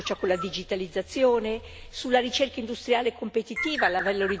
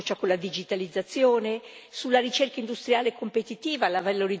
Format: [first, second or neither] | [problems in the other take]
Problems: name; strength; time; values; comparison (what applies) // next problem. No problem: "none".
second | background sound (Bird); 11 dB below the speech